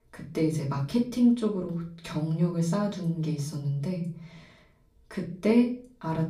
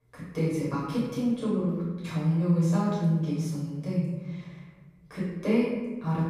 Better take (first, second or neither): first